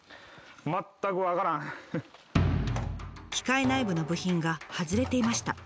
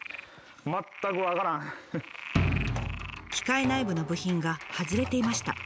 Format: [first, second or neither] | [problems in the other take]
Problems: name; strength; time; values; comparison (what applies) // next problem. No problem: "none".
first | background sound (Frog); 13 dB below the speech